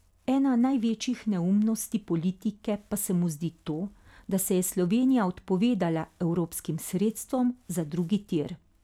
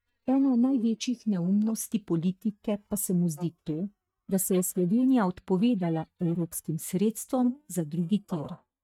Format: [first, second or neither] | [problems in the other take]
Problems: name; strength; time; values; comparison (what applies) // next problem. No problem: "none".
first | noise reduction (neural mask model DeepFilterNet 3)